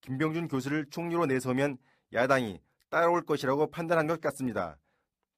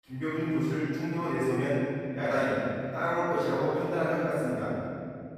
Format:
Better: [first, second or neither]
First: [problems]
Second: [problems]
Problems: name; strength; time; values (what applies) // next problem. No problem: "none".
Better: first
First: none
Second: off-mic speech; far // room echo; strong; dies away in 3 s